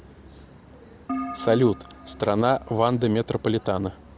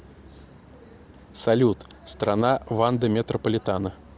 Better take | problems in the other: second | background sound (Keyboard (musical)); 11 dB below the speech

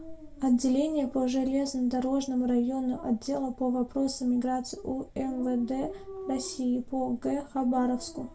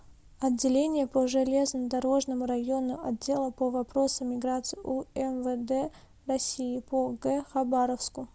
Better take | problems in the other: second | background sound (Dog); 20 dB below the speech // room echo; dies away in 0.2 s

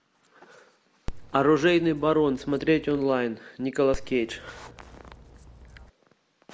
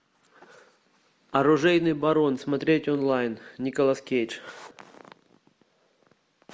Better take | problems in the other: second | background sound (Dog); 14 dB below the speech

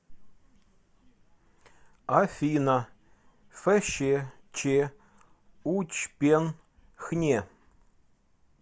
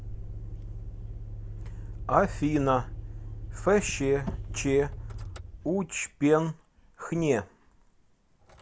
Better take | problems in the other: first | background sound (Motor vehicle (road)); 9 dB below the speech

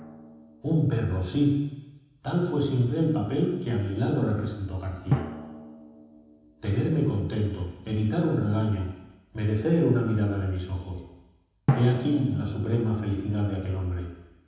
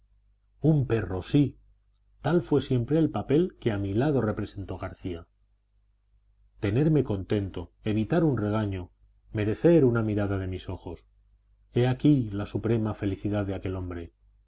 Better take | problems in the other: second | background sound (Drum); 11 dB below the speech // room echo; dies away in 1.1 s

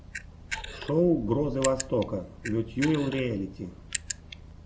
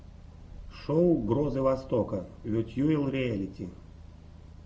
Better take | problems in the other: second | background sound (Camera); 11 dB below the speech

